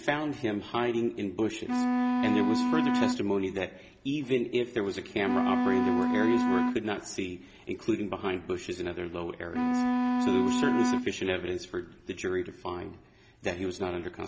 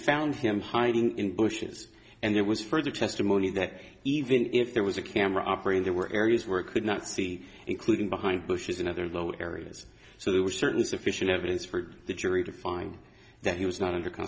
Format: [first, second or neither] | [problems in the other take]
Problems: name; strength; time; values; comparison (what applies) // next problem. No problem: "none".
second | background sound (Wind instrument, woodwind instrument); 2 dB above the speech